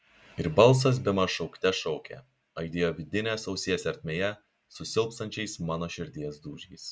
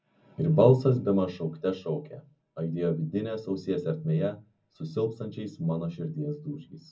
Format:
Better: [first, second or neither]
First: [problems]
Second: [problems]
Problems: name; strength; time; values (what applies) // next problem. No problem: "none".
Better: first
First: none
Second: room echo; dies away in 0.4 s